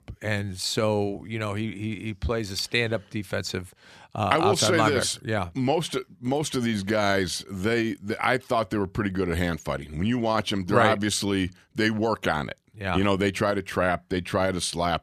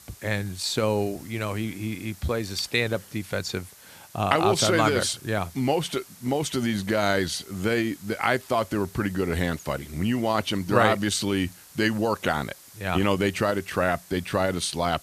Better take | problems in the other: first | hiss; faint; throughout; 20 dB below the speech

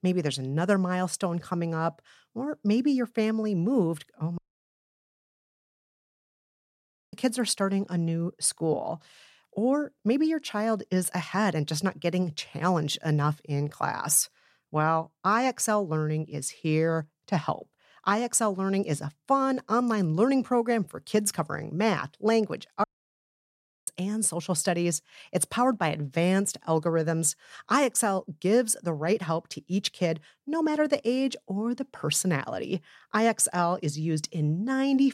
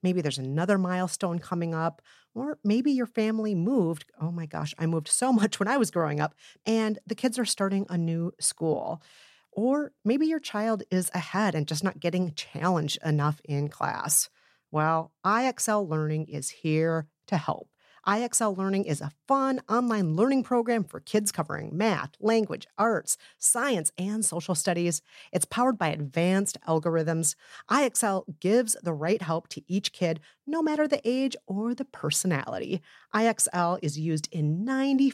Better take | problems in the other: second | audio cutting out; at 4.5 s for 3 s and at 23 s for 1 s

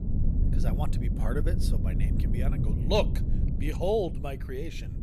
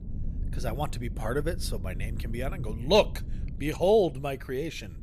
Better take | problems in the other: second | low rumble; loud; throughout; 9 dB below the speech; faint in the second

